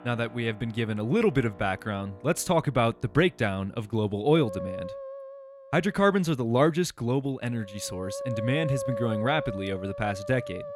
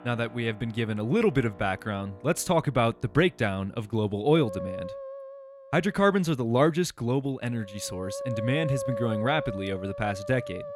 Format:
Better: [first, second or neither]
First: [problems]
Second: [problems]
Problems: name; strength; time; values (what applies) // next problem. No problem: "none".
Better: neither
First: background music; loud; throughout; 10 dB below the speech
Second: background music; loud; throughout; 10 dB below the speech